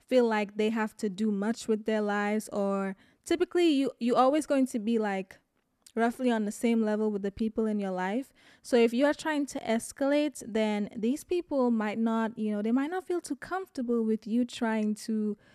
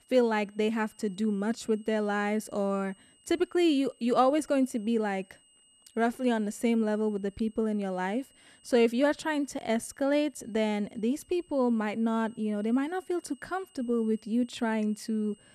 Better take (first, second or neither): first